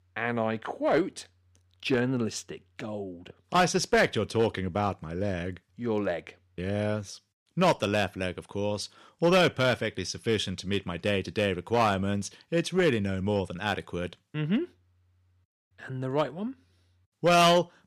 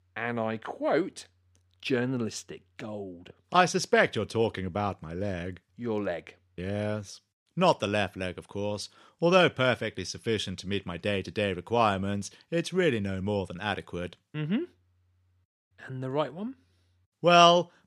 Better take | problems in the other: second | distortion; slight; 3% of the sound clipped

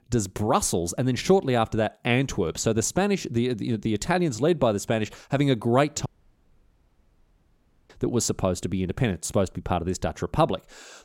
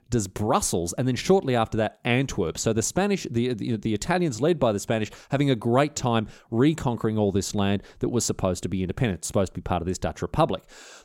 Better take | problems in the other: second | audio cutting out; at 6 s for 2 s

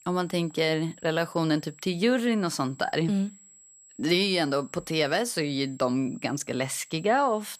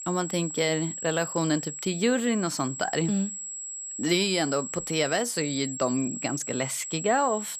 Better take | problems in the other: first | high-pitched whine; loud; throughout; 7.5 kHz, 6 dB below the speech; faint in the first

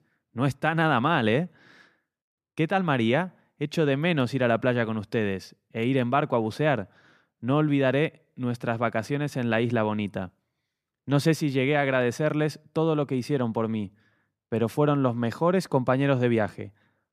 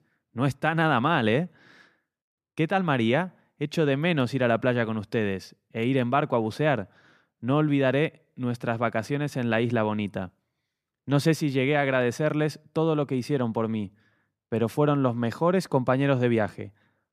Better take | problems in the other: neither | none

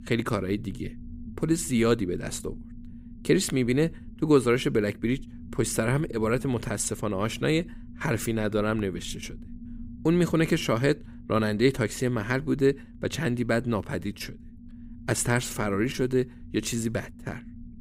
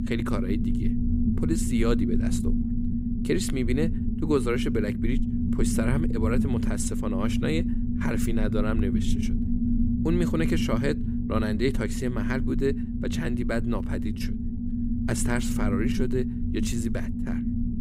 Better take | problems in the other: first | low rumble; loud; throughout; 3 dB below the speech; faint in the first

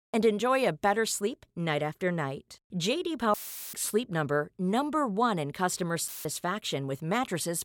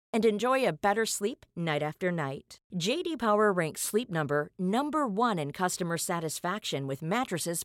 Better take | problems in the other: second | audio cutting out; filled with static; at 3.5 s and at 6 s

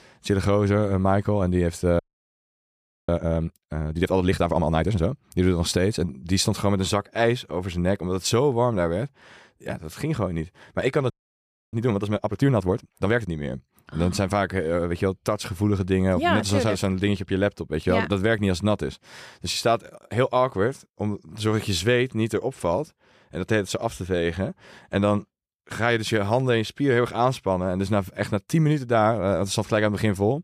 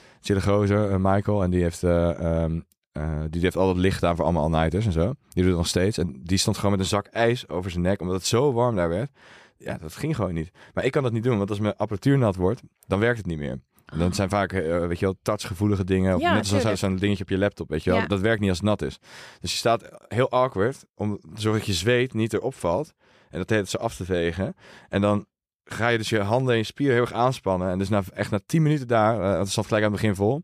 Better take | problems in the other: second | audio freezing; at 2 s for 1 s and at 11 s for 0.5 s

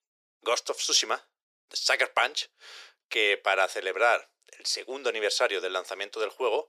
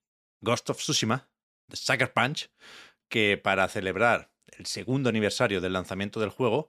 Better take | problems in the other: second | thin; very; fading below 400 Hz

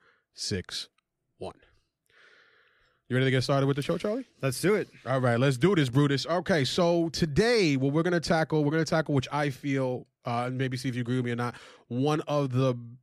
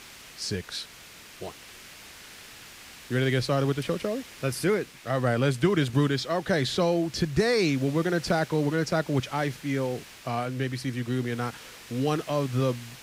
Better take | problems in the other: first | hiss; noticeable; throughout; 20 dB below the speech

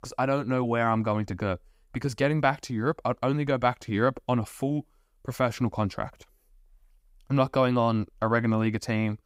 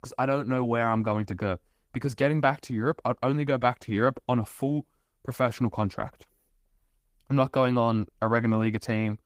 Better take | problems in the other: first | garbled, watery; slightly; nothing above 15.5 kHz

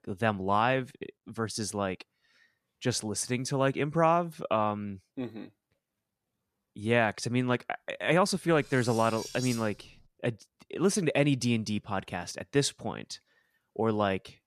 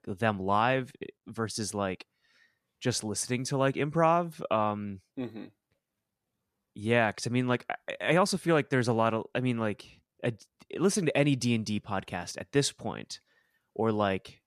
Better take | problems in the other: second | clattering dishes; noticeable; from 8.5 to 10 s; peak 9 dB below the speech

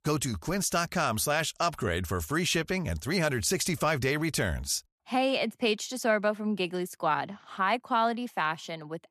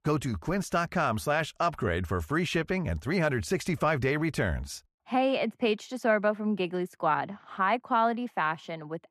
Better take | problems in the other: first | muffled; slightly; fading above 3.5 kHz

